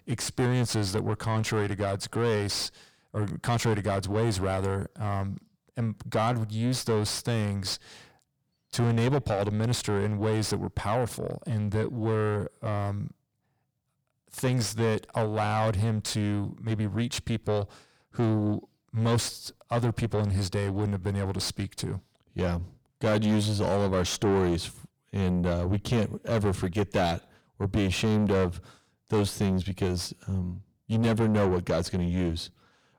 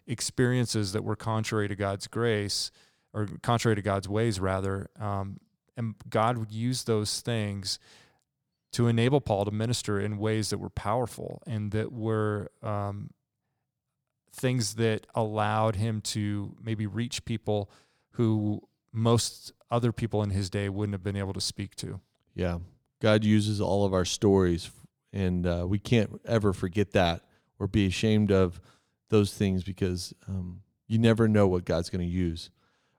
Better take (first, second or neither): second